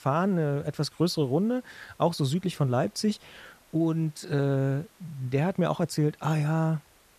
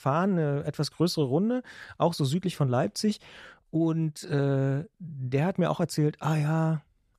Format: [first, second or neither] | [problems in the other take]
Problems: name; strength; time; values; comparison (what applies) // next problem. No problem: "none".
second | hiss; faint; throughout; 30 dB below the speech